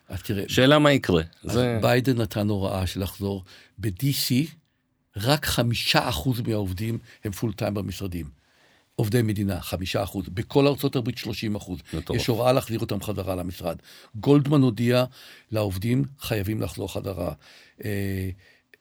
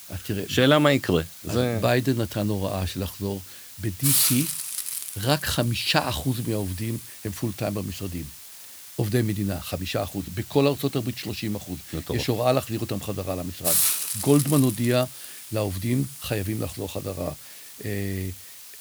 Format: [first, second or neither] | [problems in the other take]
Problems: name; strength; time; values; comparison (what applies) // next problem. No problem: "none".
first | hiss; loud; throughout; 5 dB below the speech